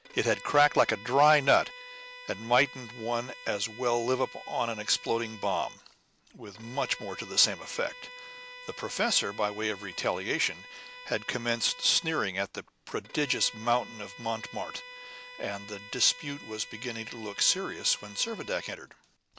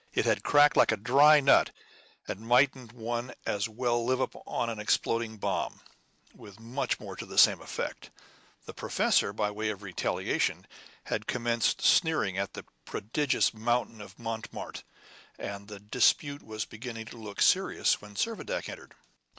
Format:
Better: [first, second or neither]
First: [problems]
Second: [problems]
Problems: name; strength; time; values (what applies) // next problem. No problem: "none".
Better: second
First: background sound (Bowed string instrument); 16 dB below the speech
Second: none